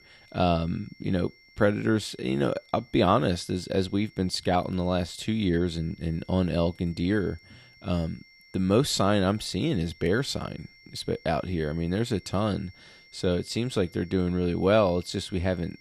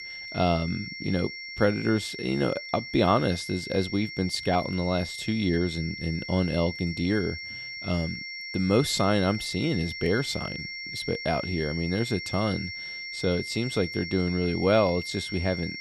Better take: first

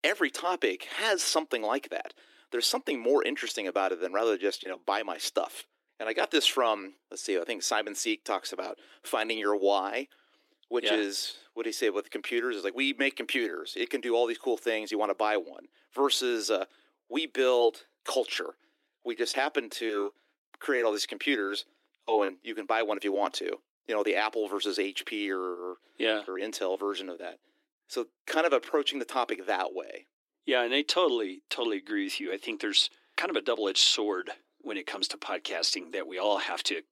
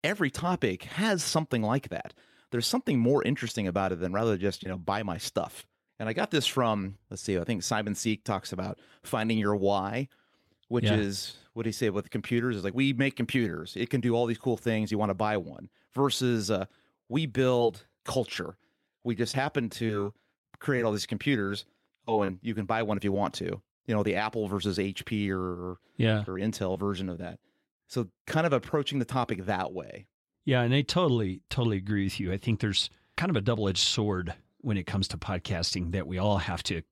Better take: second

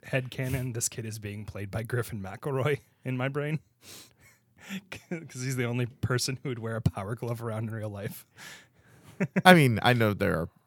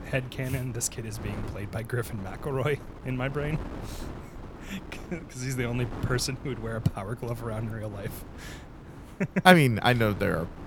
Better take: first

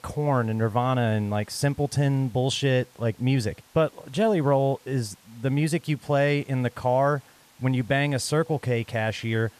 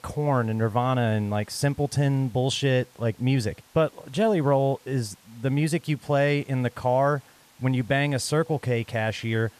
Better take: neither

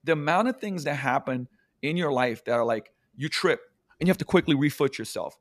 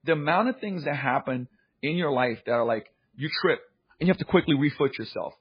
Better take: first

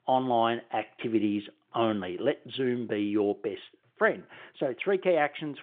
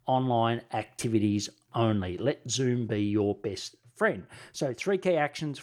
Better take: second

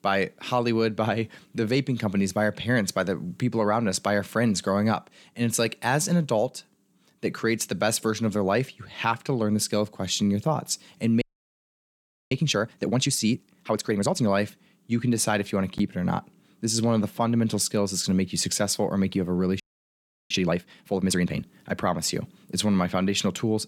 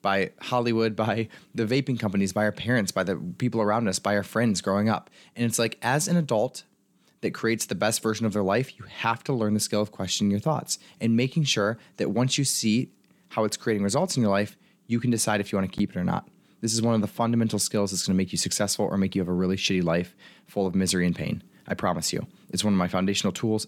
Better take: second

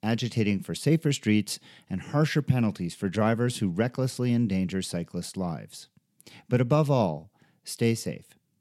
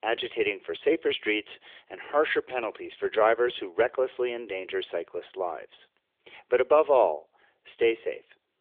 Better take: first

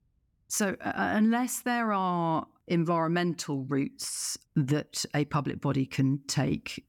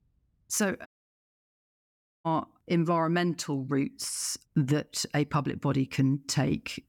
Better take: first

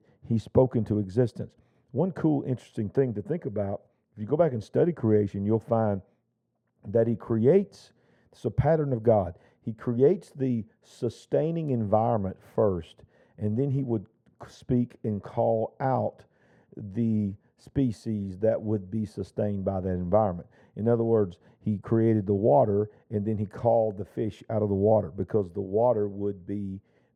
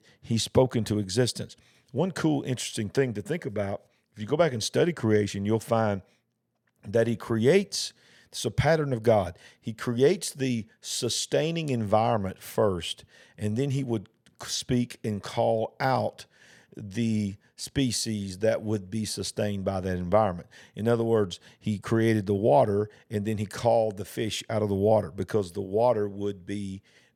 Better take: second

